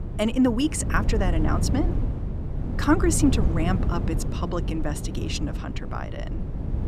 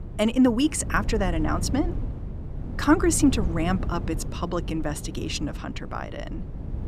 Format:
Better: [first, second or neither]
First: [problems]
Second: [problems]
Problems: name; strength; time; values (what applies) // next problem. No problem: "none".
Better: second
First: wind noise on the microphone; heavy; 10 dB below the speech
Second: wind noise on the microphone; occasional gusts; 15 dB below the speech